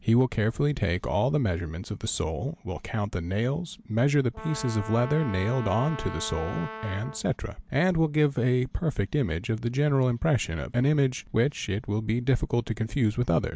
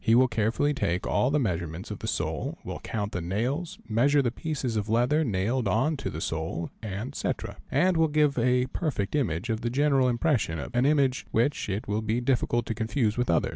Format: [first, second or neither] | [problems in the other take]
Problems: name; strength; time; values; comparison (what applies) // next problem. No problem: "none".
second | background sound (Brass instrument); 13 dB below the speech